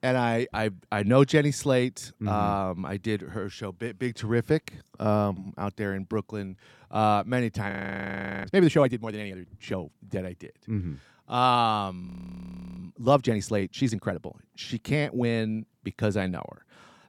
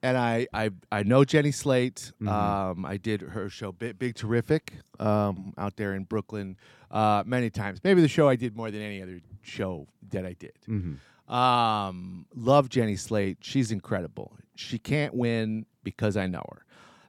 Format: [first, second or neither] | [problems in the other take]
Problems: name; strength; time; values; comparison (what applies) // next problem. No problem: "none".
second | audio freezing; at 7.5 s for 0.5 s and at 12 s for 0.5 s